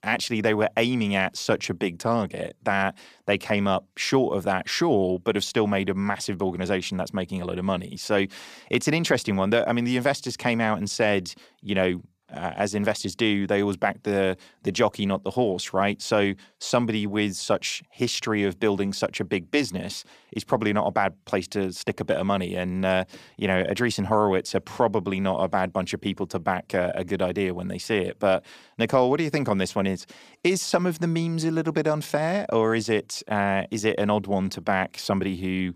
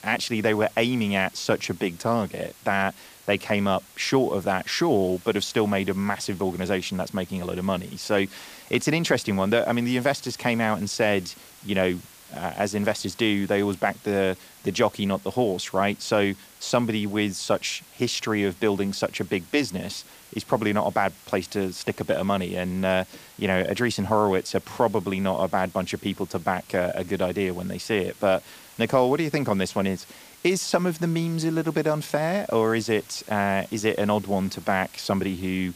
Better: first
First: none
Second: hiss; faint; throughout; 20 dB below the speech

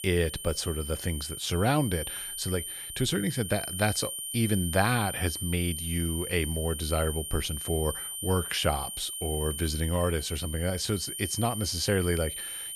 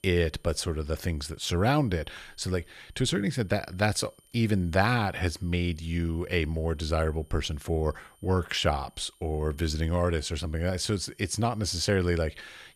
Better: second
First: high-pitched whine; loud; throughout; 9 kHz, 5 dB below the speech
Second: high-pitched whine; faint; throughout; 9 kHz, 30 dB below the speech

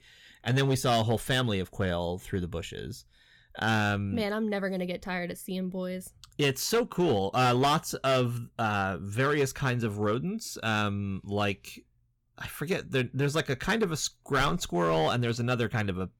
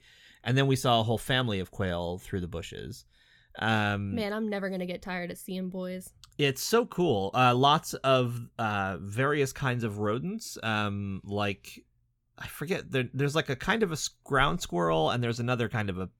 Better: second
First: distortion; slight; 4% of the sound clipped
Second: none

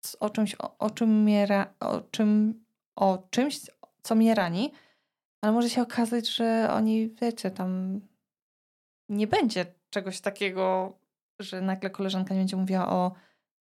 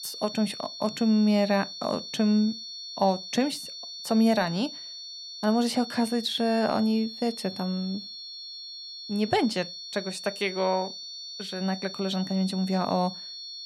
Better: first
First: none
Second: high-pitched whine; noticeable; throughout; 4.5 kHz, 10 dB below the speech

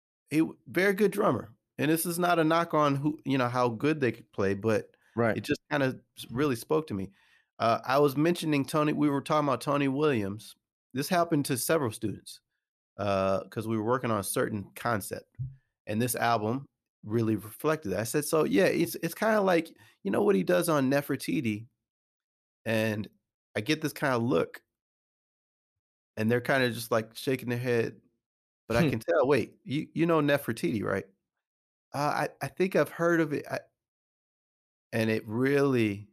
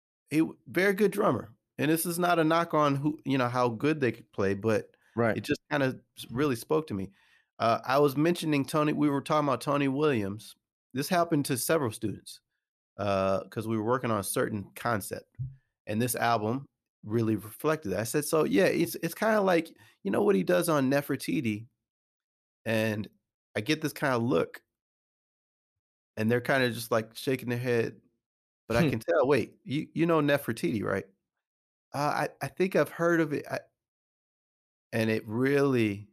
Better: neither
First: none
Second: none

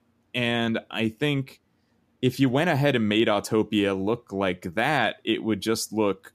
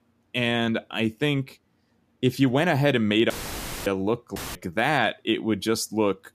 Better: first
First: none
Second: audio cutting out; filled with static; at 3.5 s for 0.5 s and at 4.5 s

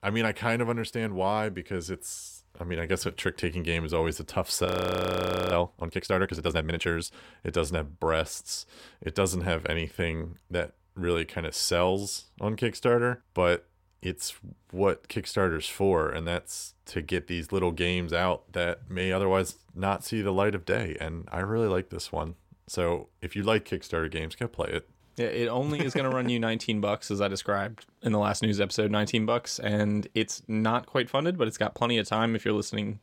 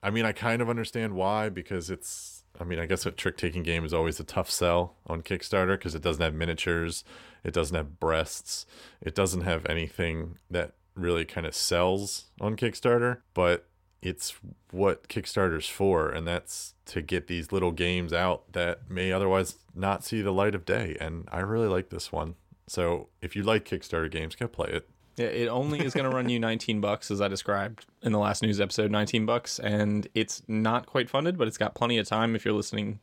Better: second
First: audio freezing; at 4.5 s for 1 s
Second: none

